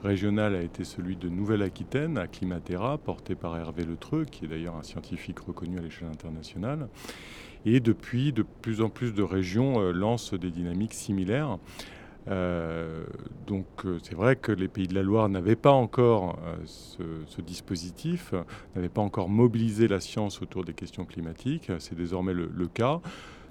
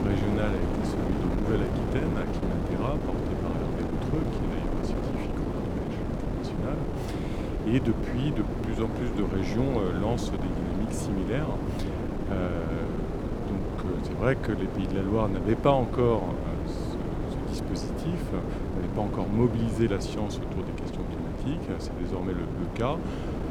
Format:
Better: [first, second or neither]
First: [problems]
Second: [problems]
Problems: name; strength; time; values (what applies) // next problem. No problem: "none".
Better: first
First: wind noise on the microphone; occasional gusts; 25 dB below the speech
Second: wind noise on the microphone; heavy; 2 dB below the speech